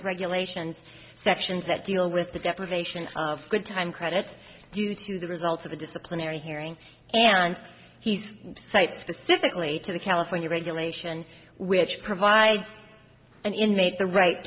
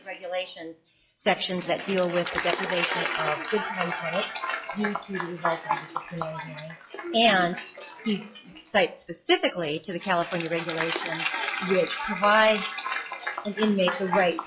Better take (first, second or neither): first